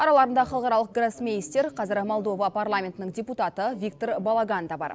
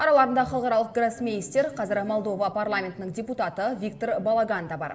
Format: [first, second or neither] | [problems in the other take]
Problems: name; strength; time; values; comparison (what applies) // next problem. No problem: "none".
first | room echo; dies away in 1 s